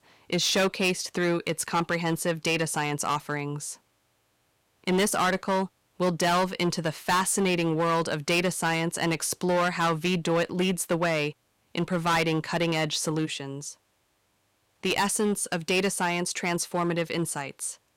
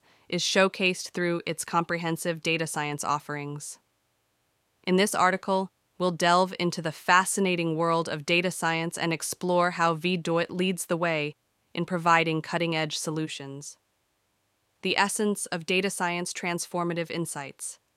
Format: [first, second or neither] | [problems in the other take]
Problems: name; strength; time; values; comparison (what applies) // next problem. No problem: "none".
second | distortion; heavy; 8% of the sound clipped